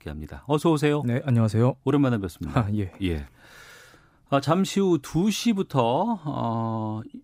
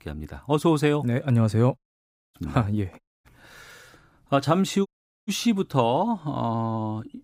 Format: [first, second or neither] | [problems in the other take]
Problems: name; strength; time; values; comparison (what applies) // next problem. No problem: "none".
first | audio cutting out; at 2 s for 0.5 s, at 3 s and at 5 s